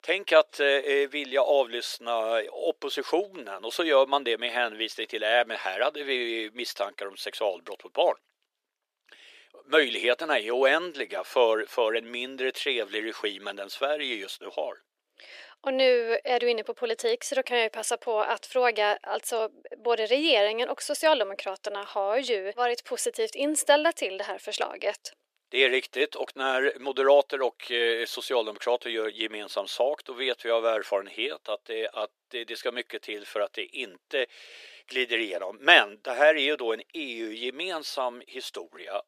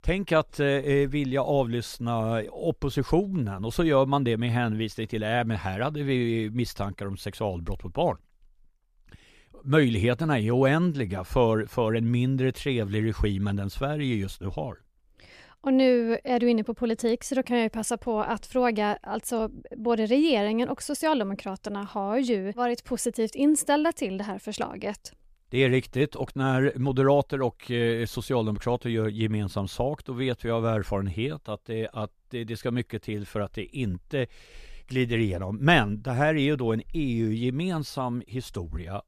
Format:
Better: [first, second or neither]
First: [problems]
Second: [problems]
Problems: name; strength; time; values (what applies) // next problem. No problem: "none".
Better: second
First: thin; very; fading below 350 Hz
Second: none